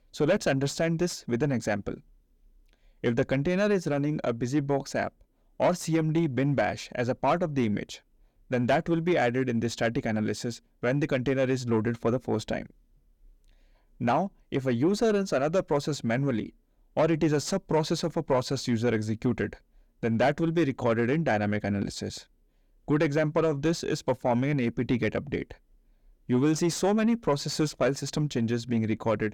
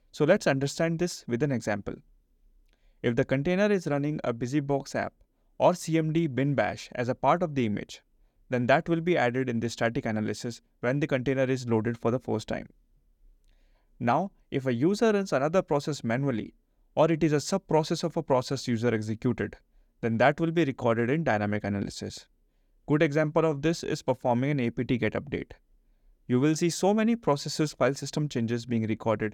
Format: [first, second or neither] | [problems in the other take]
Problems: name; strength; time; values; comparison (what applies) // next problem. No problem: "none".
second | distortion; slight; 10 dB below the speech